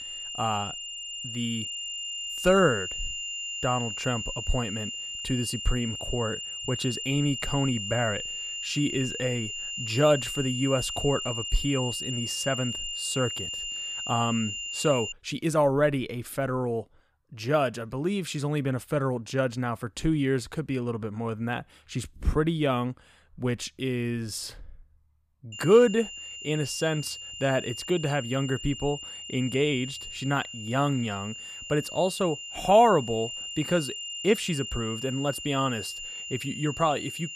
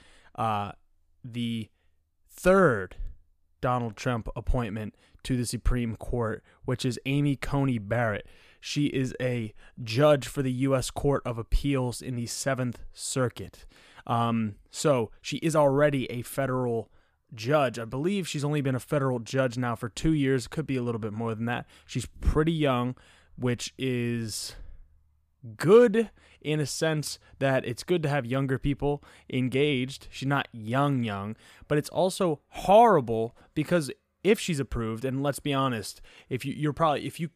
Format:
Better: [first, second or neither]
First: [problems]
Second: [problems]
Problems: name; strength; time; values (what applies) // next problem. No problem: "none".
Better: second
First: high-pitched whine; loud; until 15 s and from 26 s on; 3 kHz, 6 dB below the speech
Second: none